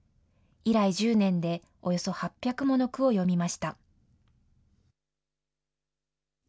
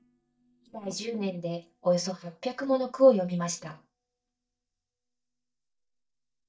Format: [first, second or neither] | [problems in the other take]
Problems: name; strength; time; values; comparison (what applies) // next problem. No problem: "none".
first | noise reduction (neural mask model DeepFilterNet 3)